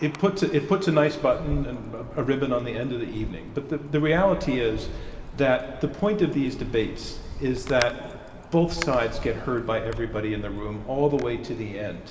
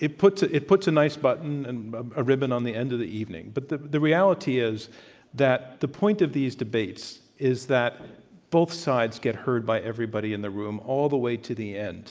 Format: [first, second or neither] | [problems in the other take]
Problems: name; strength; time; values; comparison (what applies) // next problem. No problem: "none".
second | background sound (Wind); 12 dB below the speech // room echo; dies away in 2 s